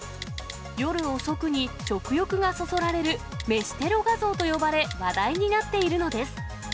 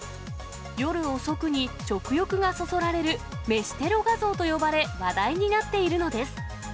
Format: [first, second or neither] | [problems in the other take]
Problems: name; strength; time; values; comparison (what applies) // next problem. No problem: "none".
second | background sound (Typing); 18 dB below the speech